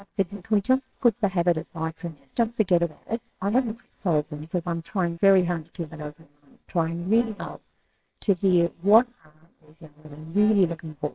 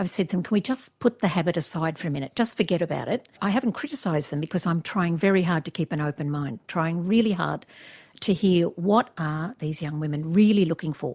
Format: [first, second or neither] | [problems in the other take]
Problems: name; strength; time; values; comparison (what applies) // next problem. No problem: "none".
second | noise reduction (neural separator model SepFormer WHAMR!)